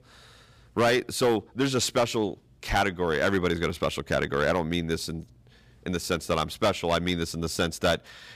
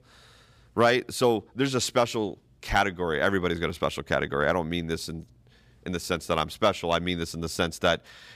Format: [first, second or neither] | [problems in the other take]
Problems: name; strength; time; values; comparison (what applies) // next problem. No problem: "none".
second | distortion; slight; 5% of the sound clipped